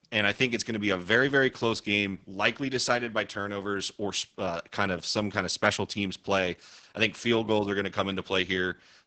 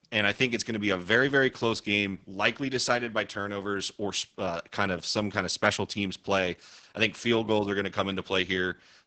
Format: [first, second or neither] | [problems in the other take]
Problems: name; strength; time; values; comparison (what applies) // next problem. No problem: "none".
neither | garbled, watery; badly; nothing above 8 kHz; the same in both